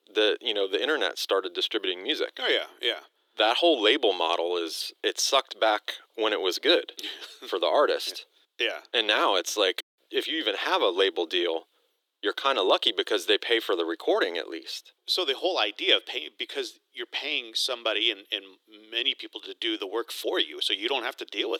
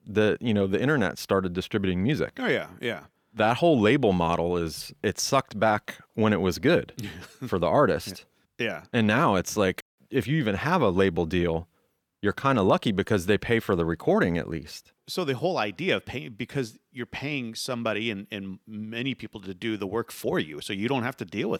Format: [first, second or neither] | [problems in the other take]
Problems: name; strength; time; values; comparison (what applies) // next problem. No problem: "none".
second | thin; very; fading below 350 Hz